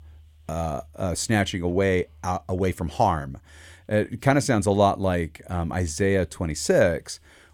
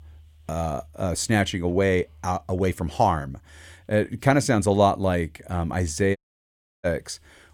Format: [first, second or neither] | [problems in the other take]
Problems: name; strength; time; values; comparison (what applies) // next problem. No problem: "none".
first | audio cutting out; at 6 s for 0.5 s